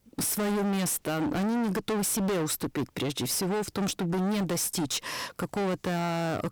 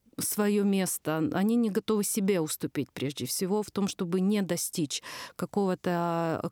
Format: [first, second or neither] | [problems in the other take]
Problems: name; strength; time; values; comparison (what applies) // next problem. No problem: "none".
second | distortion; heavy; 37% of the sound clipped